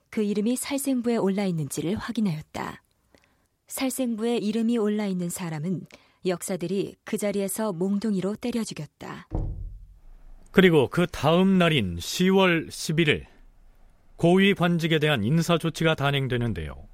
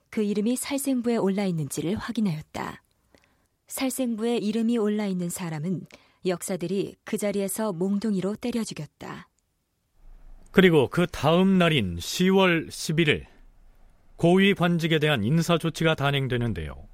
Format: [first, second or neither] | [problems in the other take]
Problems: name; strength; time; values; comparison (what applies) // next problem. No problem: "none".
second | door banging; noticeable; at 9.5 s; peak 9 dB below the speech